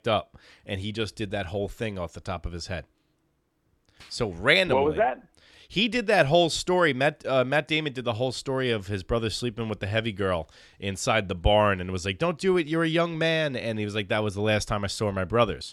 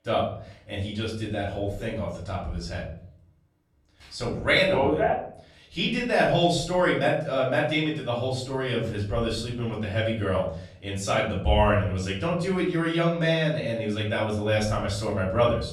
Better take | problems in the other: first | off-mic speech; far // room echo; noticeable; dies away in 0.5 s

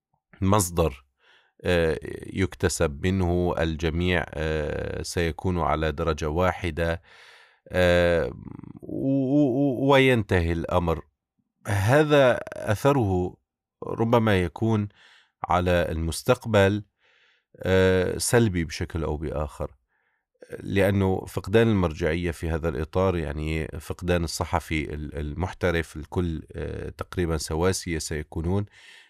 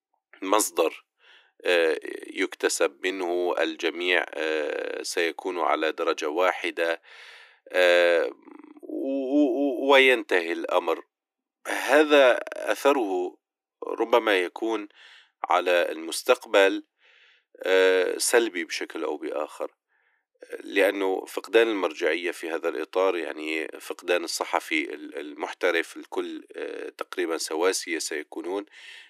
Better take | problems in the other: first | thin; somewhat; fading below 300 Hz

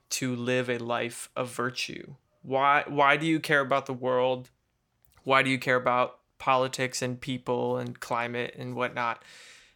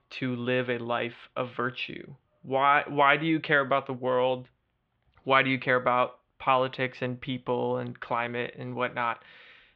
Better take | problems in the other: first | muffled; very; fading above 3.5 kHz

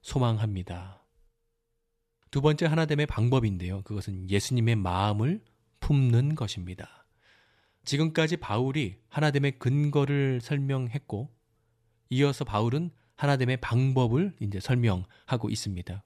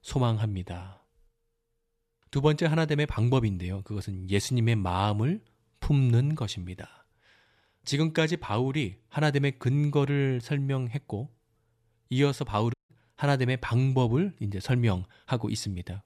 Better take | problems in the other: first | audio cutting out; at 13 s

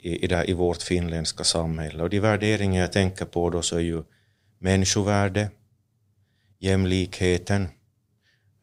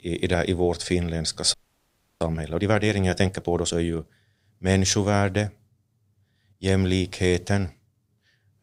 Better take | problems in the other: first | audio freezing; at 1.5 s for 0.5 s

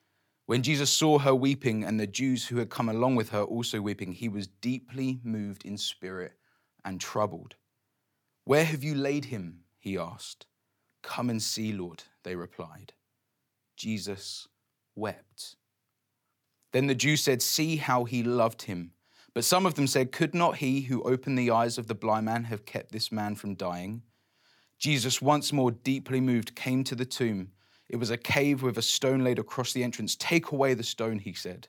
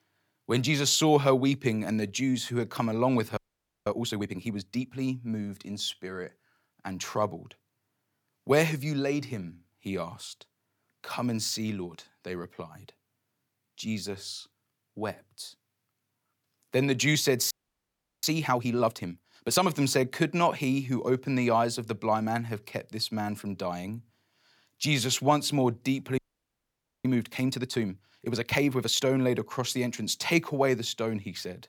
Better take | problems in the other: first | audio freezing; at 3.5 s, at 18 s for 0.5 s and at 26 s for 1 s

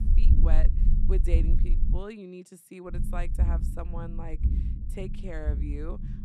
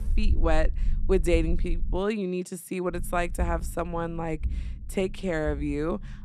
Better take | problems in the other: second | low rumble; loud; until 2 s and from 3 s on; 5 dB below the speech; faint in the second

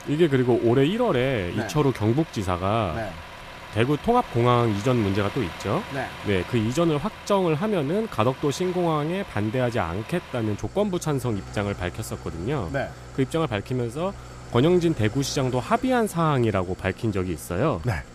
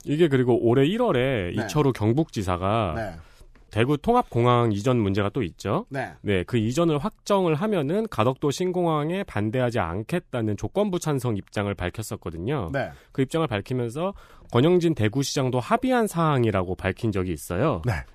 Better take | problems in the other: second | traffic noise; noticeable; throughout; 15 dB below the speech

